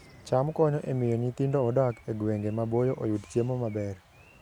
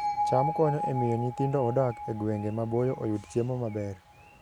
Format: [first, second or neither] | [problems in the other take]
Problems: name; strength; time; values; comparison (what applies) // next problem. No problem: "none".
first | background sound (Bell); 6 dB below the speech